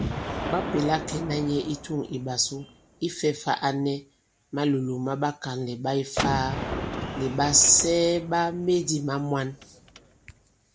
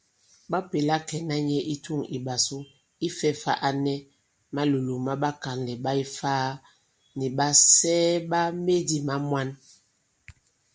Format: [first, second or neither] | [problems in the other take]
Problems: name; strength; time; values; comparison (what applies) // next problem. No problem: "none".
second | background sound (Gunshot, gunfire); 9 dB below the speech